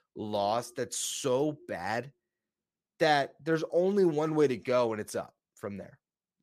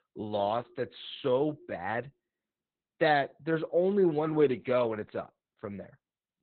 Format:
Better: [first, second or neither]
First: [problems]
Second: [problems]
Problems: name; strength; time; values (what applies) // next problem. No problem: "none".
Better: first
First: none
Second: garbled, watery; badly; nothing above 4 kHz